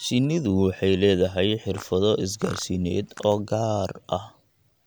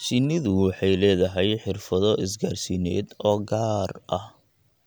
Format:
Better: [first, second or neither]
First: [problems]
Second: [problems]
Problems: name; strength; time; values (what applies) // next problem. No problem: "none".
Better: second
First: background sound (Fart); 19 dB below the speech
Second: none